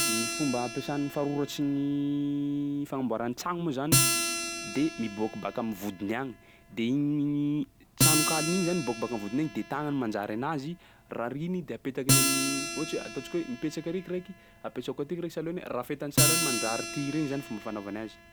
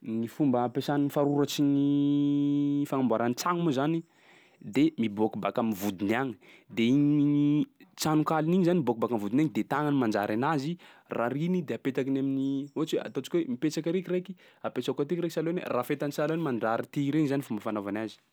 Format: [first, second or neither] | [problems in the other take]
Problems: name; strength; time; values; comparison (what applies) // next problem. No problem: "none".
second | background sound (Acoustic guitar); 1 dB below the speech